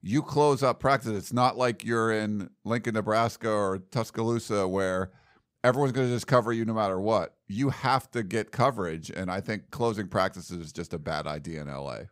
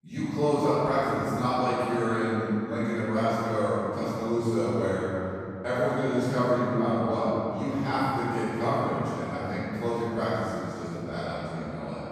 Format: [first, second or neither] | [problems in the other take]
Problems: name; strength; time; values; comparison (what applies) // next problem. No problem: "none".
first | off-mic speech; far // room echo; strong; dies away in 2.9 s